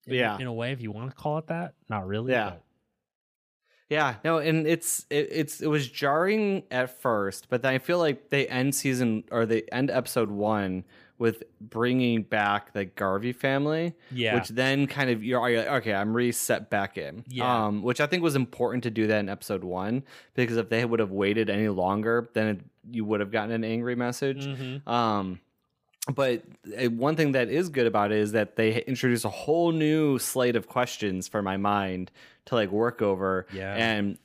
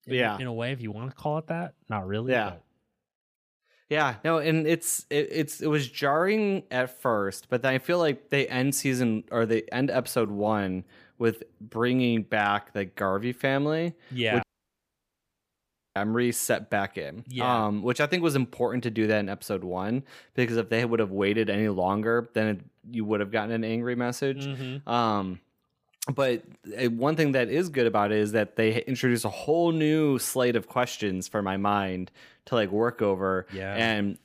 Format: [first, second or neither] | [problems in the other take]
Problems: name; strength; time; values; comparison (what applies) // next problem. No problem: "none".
first | audio cutting out; at 14 s for 1.5 s